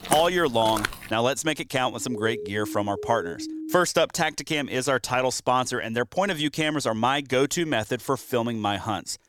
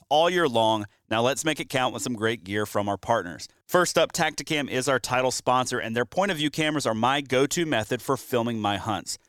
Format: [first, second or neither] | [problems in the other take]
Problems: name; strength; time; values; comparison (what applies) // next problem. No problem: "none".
second | footsteps; noticeable; at the start; peak 4 dB below the speech // siren; noticeable; from 2 to 4 s; peak 9 dB below the speech